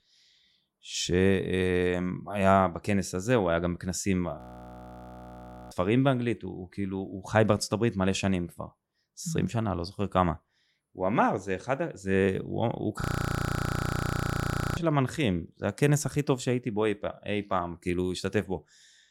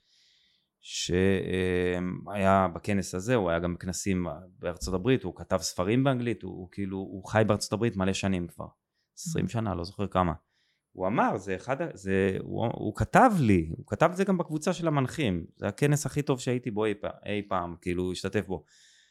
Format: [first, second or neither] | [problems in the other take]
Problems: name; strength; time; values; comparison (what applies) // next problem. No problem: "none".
second | audio freezing; at 4.5 s for 1.5 s and at 13 s for 2 s